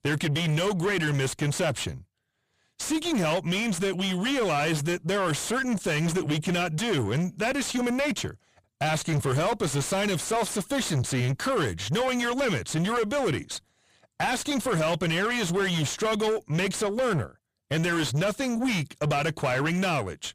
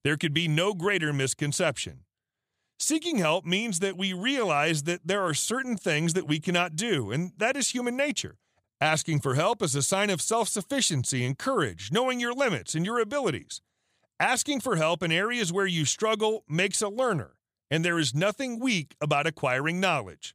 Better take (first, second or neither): second